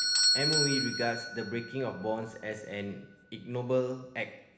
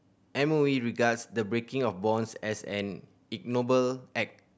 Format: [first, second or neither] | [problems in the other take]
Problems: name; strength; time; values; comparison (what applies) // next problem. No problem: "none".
second | background sound (Bell / Doorbell); 1 dB above the speech // room echo; dies away in 1.1 s